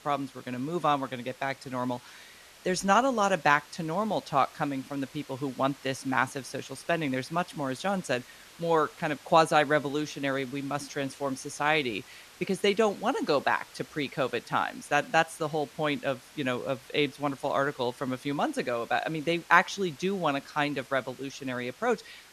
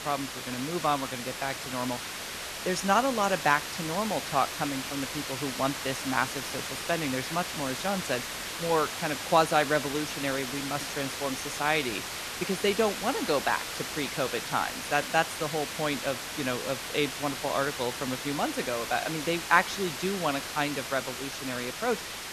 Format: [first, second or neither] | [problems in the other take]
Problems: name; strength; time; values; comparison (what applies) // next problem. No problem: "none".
first | hiss; loud; throughout; 4 dB below the speech; faint in the first